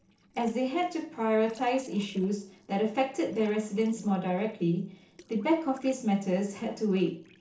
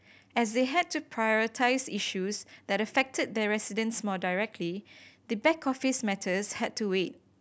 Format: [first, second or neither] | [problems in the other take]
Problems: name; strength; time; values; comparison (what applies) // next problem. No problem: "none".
second | noise reduction (neural separator model SepFormer DNS4)